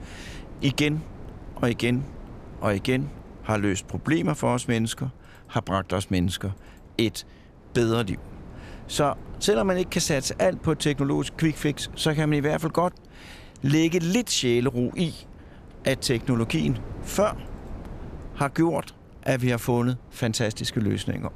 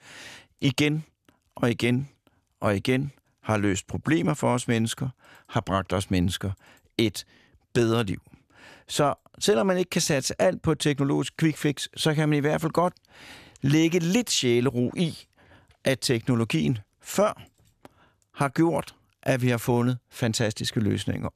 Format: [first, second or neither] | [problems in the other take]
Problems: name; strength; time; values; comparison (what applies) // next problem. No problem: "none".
second | wind noise on the microphone; occasional gusts; 20 dB below the speech